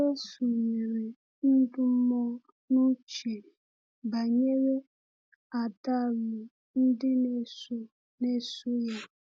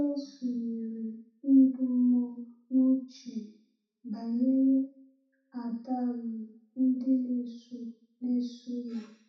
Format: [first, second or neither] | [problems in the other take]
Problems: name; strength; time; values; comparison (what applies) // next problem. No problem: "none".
first | room echo; dies away in 0.7 s